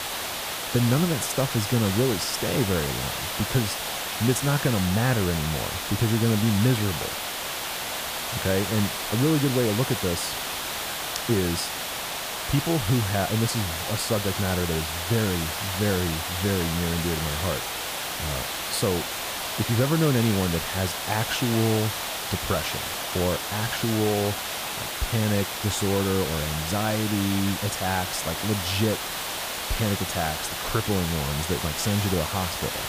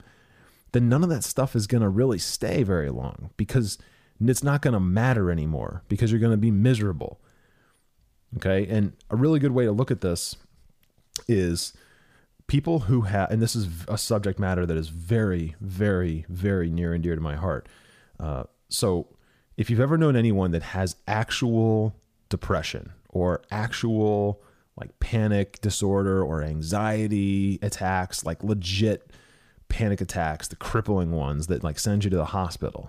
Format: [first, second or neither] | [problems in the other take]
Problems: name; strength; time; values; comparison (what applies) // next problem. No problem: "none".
second | hiss; loud; throughout; 2 dB below the speech